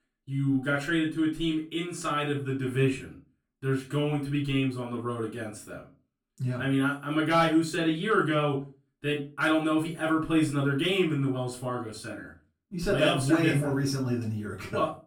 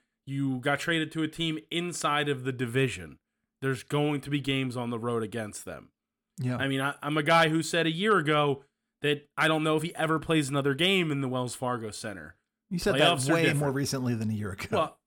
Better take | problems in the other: second | off-mic speech; far // room echo; slight; dies away in 0.3 s

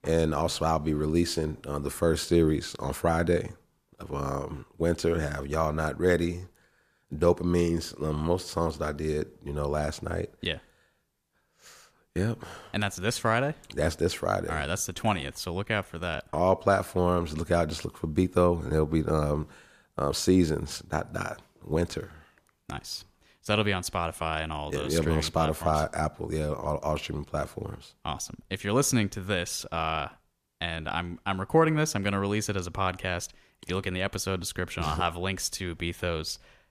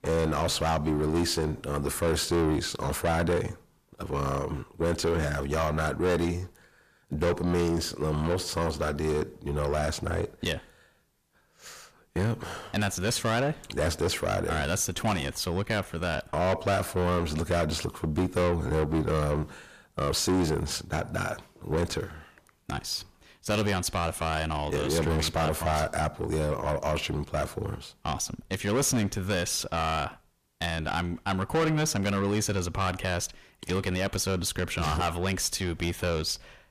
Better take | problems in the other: first | distortion; heavy; 6 dB below the speech

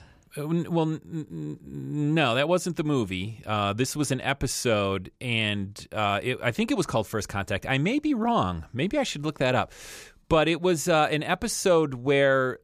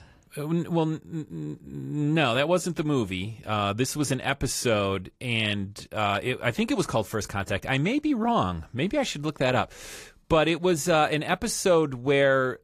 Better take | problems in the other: first | garbled, watery; slightly; nothing above 15 kHz

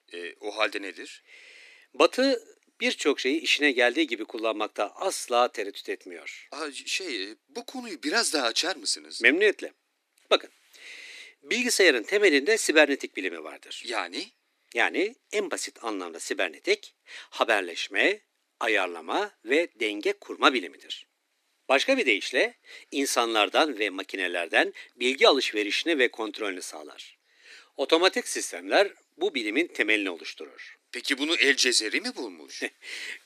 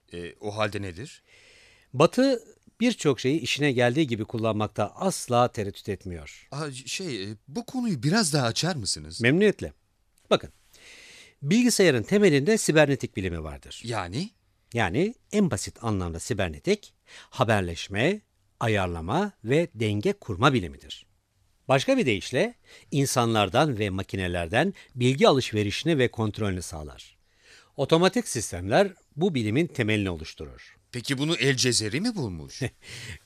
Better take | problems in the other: second | thin; somewhat; fading below 300 Hz

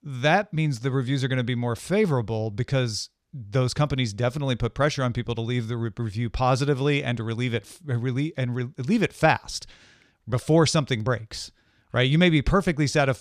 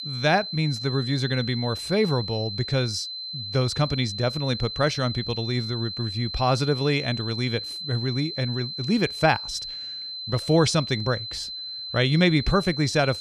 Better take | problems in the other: first | high-pitched whine; loud; throughout; 4 kHz, 6 dB below the speech

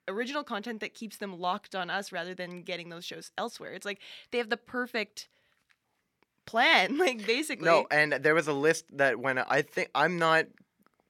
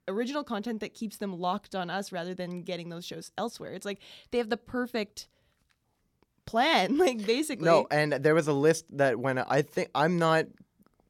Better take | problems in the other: second | thin; very slightly; fading below 500 Hz

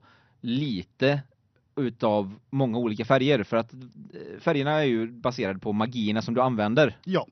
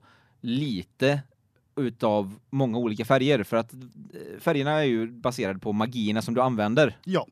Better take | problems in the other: second | garbled, watery; slightly; nothing above 6 kHz

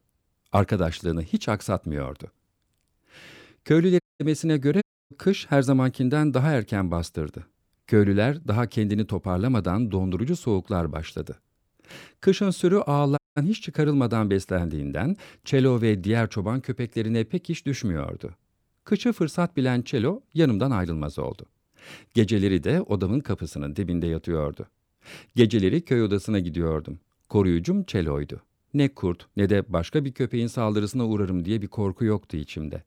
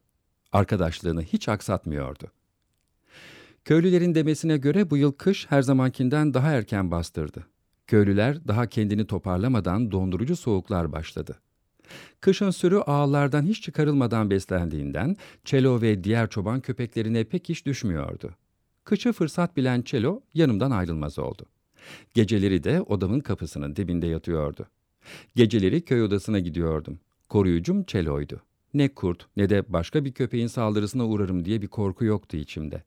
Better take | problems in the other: second | audio cutting out; at 4 s, at 5 s and at 13 s

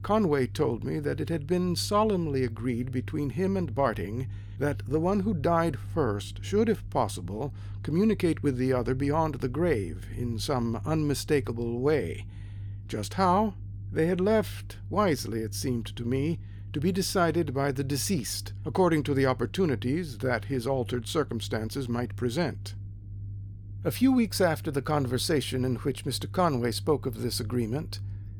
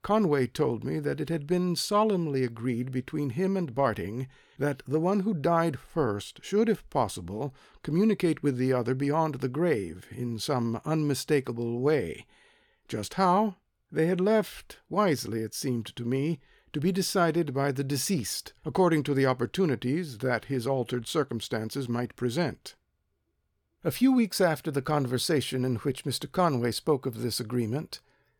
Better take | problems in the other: second | low rumble; faint; throughout; 25 dB below the speech

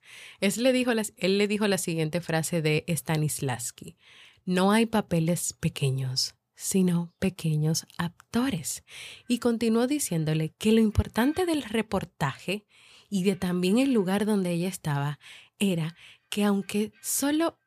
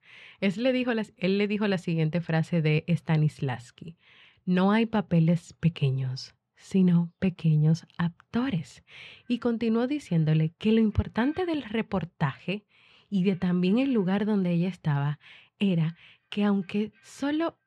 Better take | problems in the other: first | muffled; slightly; fading above 2.5 kHz

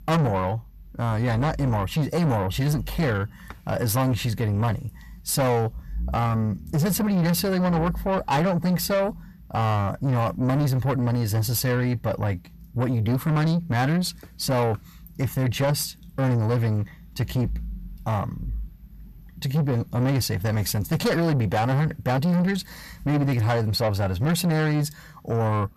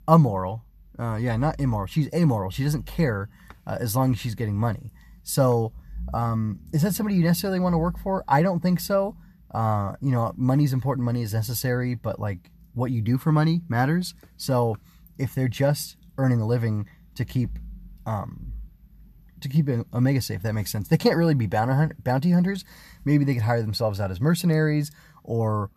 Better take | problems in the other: second | distortion; heavy; 8 dB below the speech

